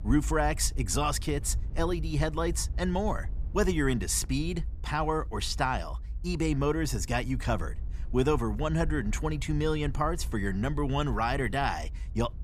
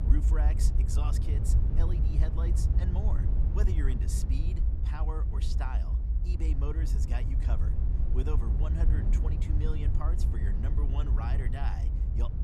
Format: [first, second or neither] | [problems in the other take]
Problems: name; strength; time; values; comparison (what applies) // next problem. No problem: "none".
first | low rumble; loud; throughout; 2 dB below the speech; faint in the first